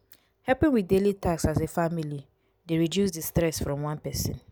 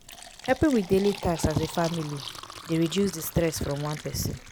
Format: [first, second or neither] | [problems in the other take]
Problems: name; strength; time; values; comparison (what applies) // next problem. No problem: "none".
first | background sound (Fill (with liquid)); 15 dB below the speech